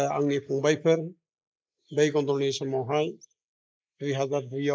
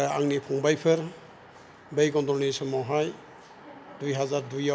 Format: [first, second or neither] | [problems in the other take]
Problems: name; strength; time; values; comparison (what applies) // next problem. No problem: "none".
second | noise reduction (neural mask model Resemble Enhance denoiser)